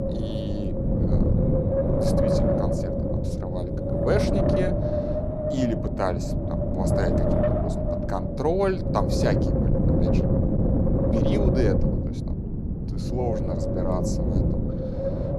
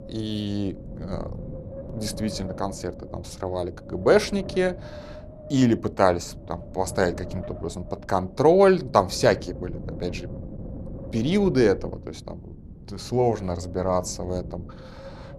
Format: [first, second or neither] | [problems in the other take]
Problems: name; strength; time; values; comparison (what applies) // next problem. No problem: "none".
second | wind noise on the microphone; heavy; 3 dB above the speech; occasional gusts in the second